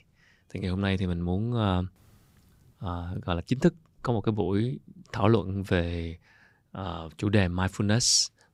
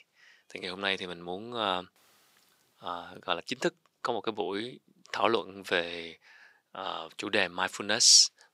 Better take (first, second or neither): first